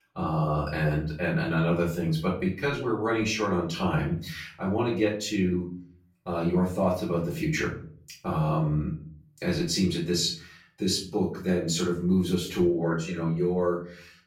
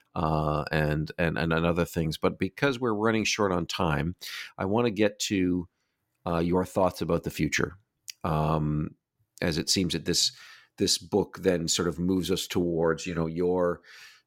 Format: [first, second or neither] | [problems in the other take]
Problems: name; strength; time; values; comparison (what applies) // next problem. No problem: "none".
second | off-mic speech; far // room echo; slight; dies away in 0.4 s